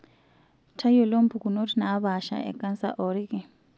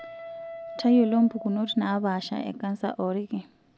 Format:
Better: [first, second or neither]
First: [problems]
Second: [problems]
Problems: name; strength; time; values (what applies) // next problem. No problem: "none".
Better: first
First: none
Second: background sound (Guitar); 16 dB below the speech